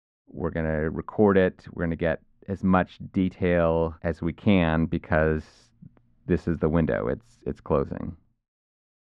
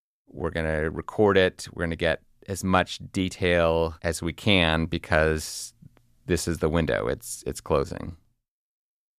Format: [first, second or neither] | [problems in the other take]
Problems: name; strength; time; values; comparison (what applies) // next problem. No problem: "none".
second | muffled; very; fading above 1.5 kHz